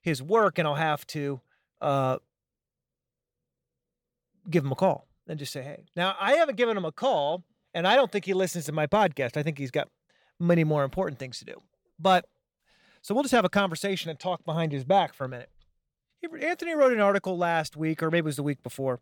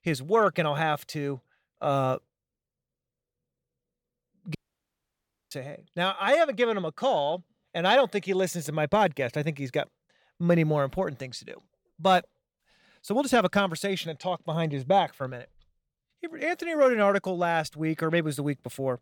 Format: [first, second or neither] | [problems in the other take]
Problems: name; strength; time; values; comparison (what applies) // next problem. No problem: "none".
first | audio cutting out; at 4.5 s for 1 s